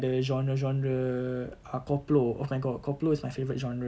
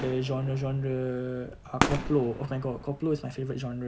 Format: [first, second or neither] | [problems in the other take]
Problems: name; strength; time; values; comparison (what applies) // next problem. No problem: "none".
first | background sound (Fireworks); 6 dB below the speech